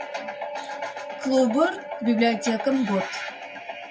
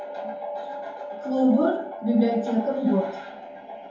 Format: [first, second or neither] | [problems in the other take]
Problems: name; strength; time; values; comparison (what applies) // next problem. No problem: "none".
first | room echo; dies away in 2.7 s